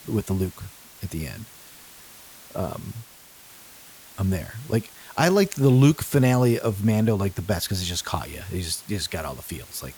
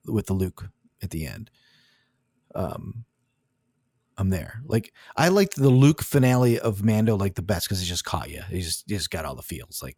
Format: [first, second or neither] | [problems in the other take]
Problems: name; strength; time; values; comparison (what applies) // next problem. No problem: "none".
second | hiss; noticeable; throughout; 20 dB below the speech